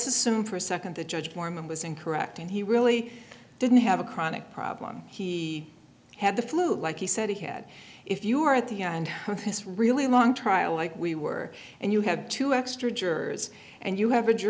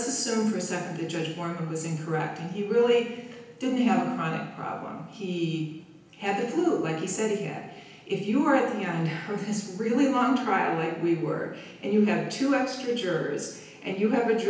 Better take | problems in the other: first | room echo; dies away in 0.9 s

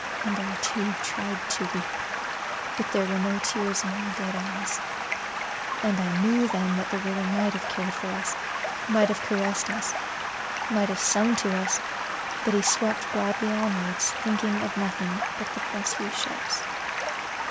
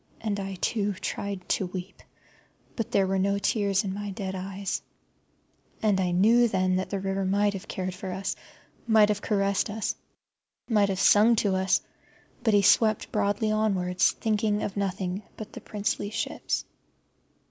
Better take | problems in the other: second | background sound (Stream); 2 dB below the speech

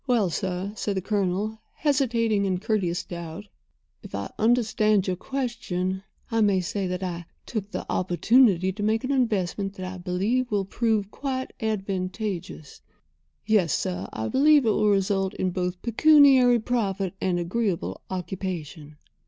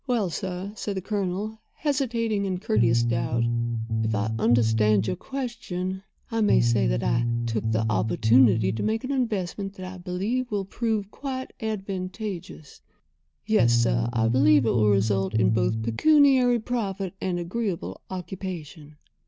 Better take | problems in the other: first | background sound (Bass guitar); 2 dB above the speech

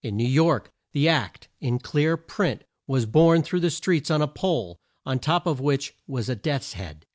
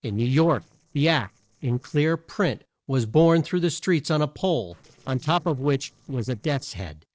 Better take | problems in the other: first | noise reduction (neural separator model SepFormer DNS4)

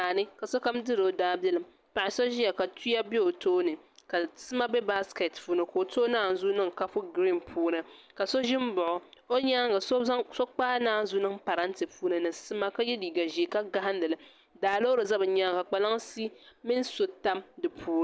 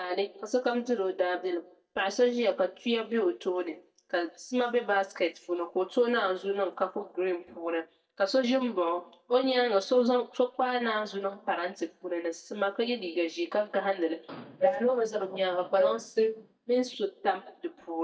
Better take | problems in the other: first | noise reduction (neural mask model DeepFilterNet 3)

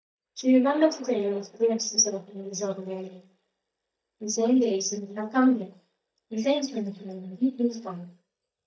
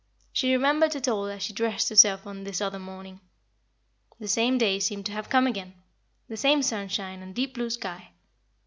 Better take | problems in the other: second | noise reduction (neural mask model DeepFilterNet 3)

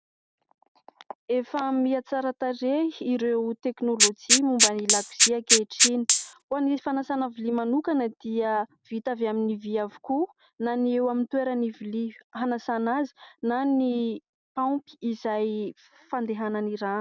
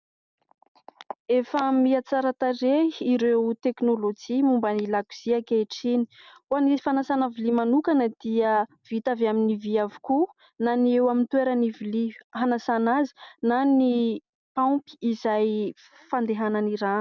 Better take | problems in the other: second | background sound (Rattle (instrument)); 4 dB above the speech

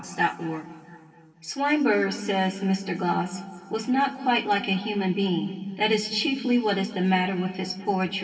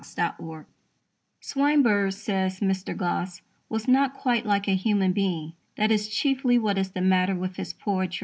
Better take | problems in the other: second | room echo; dies away in 2.3 s

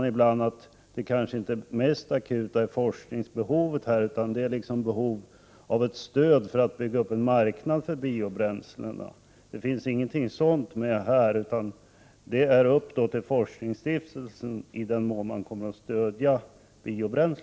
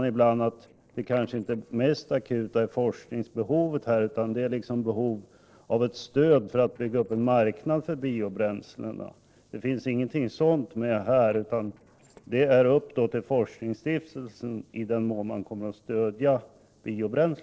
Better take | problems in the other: first | noise reduction (neural separator model SepFormer DNS4)

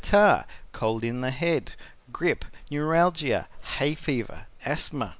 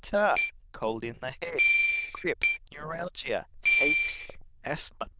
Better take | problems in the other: first | noise reduction (neural diffusion model UNIVERSE++)

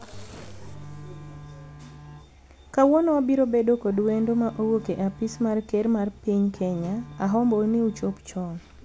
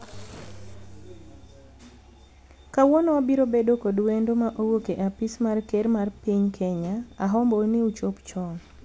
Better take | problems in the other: second | background sound (Bowed string instrument); 19 dB below the speech

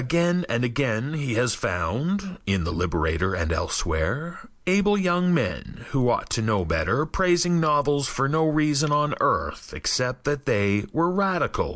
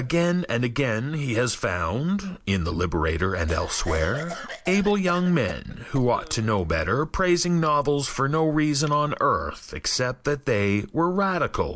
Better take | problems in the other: first | background sound (Cough); 15 dB below the speech

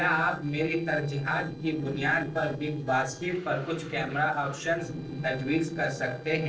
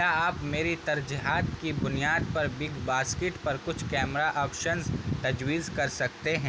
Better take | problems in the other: second | noise reduction (neural separator model SepFormer DNS4)

